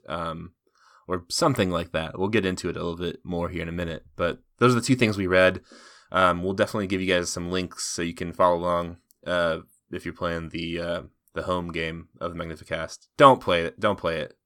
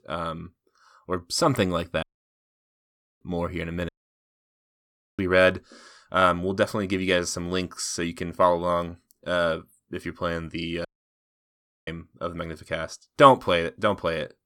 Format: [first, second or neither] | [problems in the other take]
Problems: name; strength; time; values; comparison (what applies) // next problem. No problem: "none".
first | audio cutting out; at 2 s for 1 s, at 4 s for 1.5 s and at 11 s for 1 s